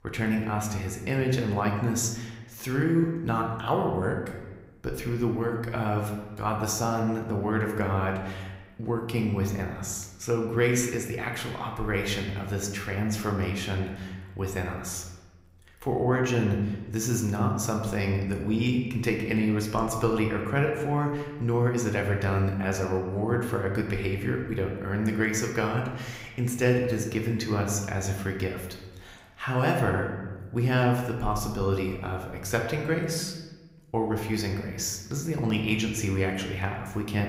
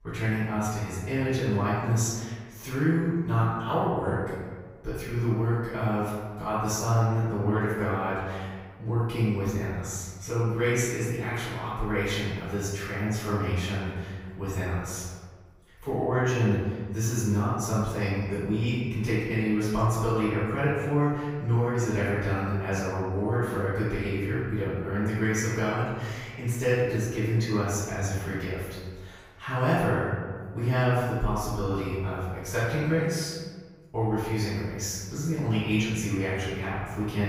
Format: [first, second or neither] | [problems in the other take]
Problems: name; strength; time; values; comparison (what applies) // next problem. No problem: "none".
first | room echo; strong; dies away in 1.4 s; slight in the first // off-mic speech; far